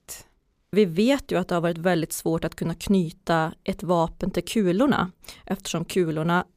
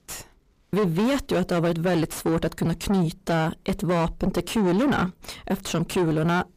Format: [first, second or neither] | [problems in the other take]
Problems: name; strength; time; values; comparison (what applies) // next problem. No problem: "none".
first | distortion; heavy; 6 dB below the speech